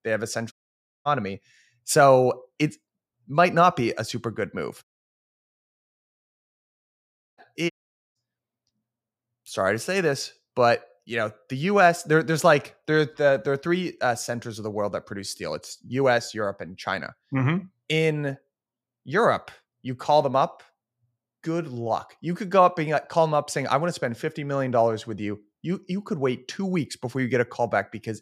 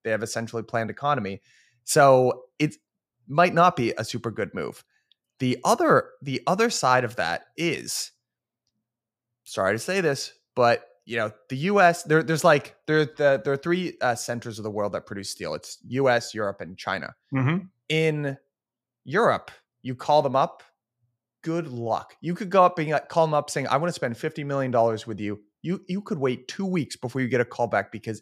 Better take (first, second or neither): second